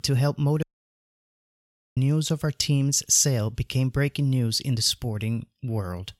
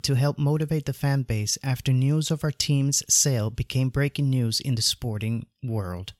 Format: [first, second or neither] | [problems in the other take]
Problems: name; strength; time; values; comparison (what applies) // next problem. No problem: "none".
second | audio cutting out; at 0.5 s for 1.5 s